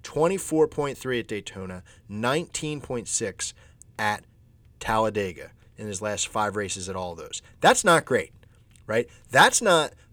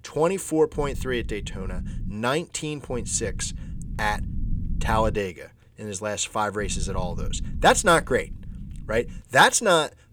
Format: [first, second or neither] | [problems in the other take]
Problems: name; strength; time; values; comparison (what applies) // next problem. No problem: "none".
first | low rumble; faint; from 1 to 2 s, from 3 to 5 s and from 6.5 to 9 s; 25 dB below the speech